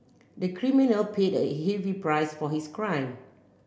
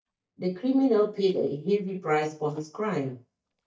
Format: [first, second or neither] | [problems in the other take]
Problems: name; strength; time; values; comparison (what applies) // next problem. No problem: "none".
first | noise reduction (neural mask model DeepFilterNet 3)